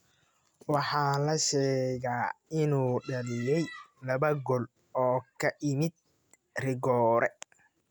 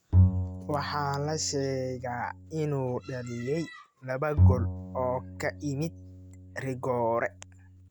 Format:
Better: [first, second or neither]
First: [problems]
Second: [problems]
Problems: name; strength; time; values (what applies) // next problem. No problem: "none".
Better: first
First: none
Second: background sound (Bowed string instrument); 2 dB above the speech